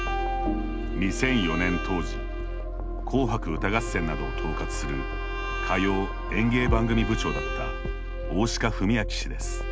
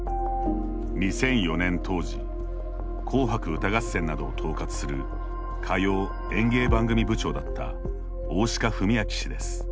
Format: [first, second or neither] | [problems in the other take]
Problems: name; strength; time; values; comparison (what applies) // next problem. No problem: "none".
second | background sound (Bowed string instrument); 12 dB below the speech